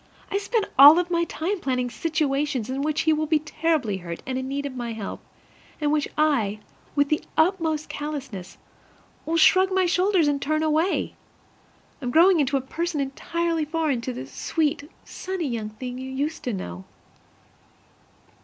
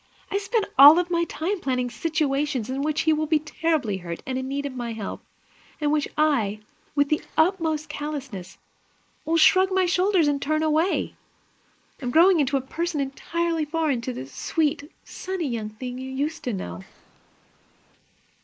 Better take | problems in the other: first | noise reduction (neural mask model Resemble Enhance denoiser)

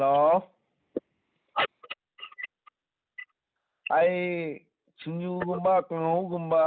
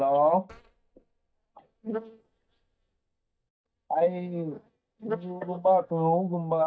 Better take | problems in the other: first | noise reduction (neural mask model DeepFilterNet 3)

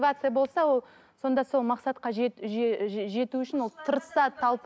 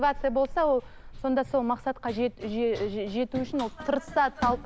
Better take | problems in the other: first | background sound (Run); 13 dB below the speech

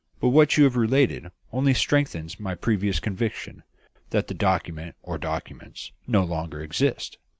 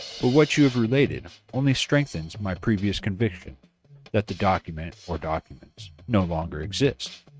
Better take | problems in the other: first | noise reduction (neural mask model RNNoise)

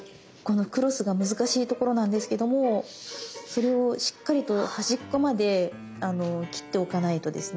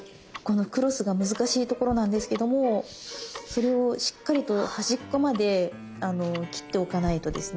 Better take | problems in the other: first | background sound (Tick-tock); 19 dB below the speech

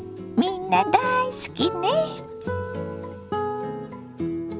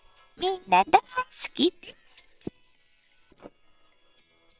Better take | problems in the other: first | noise reduction (neural separator model SepFormer WHAM!)

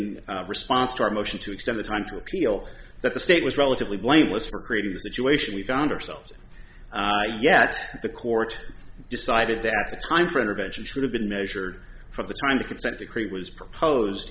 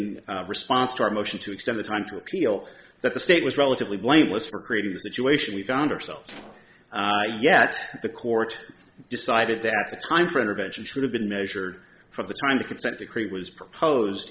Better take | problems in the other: first | noise reduction (neural separator model SepFormer DNS4)

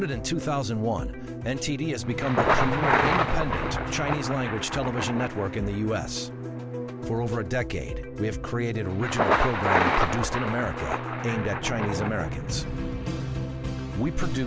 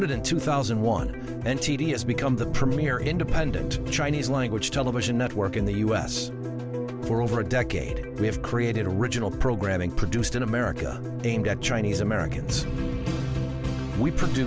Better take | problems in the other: second | background sound (Thunder); 2 dB below the speech

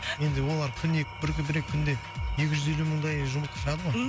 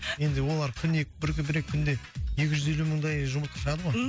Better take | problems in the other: second | background sound (Engine / Tools); 13 dB below the speech

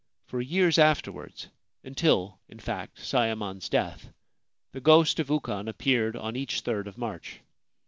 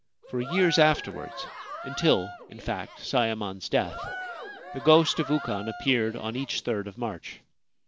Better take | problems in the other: first | background sound (Cheering); 12 dB below the speech

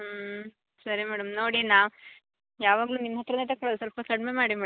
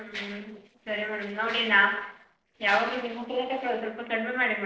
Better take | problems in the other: first | noise reduction (neural separator model SepFormer DNS4)

